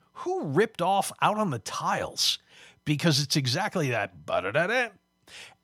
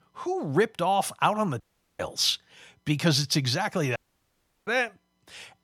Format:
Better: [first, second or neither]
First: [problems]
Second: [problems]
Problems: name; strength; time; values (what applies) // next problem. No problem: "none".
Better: first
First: none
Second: audio cutting out; at 1.5 s and at 4 s for 0.5 s